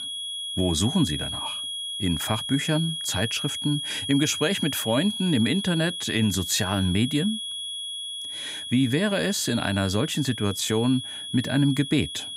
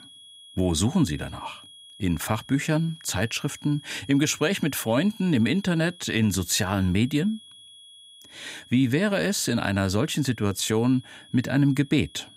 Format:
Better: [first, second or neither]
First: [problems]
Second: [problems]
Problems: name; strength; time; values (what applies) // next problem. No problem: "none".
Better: second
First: high-pitched whine; loud; throughout; 3.5 kHz, 5 dB below the speech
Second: high-pitched whine; faint; throughout; 3.5 kHz, 20 dB below the speech